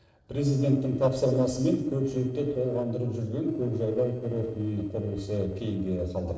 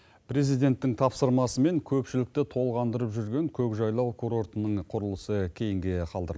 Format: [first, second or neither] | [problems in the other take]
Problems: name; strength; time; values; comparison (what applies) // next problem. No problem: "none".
second | noise reduction (neural separator model SepFormer DNS4)